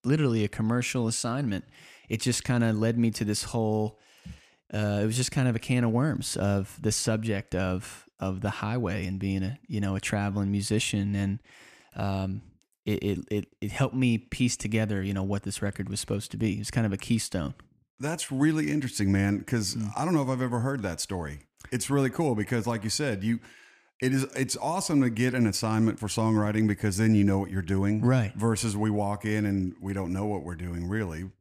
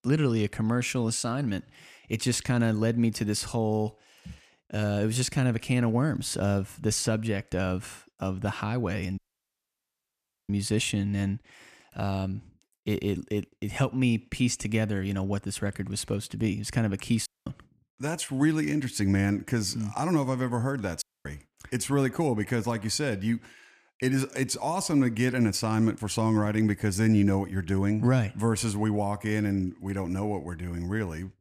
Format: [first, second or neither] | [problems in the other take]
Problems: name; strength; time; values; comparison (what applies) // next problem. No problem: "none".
first | audio cutting out; at 9 s for 1.5 s, at 17 s and at 21 s